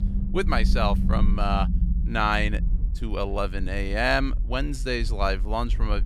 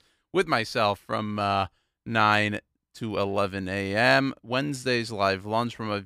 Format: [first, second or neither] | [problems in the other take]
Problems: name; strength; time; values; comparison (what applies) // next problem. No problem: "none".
second | low rumble; noticeable; throughout; 15 dB below the speech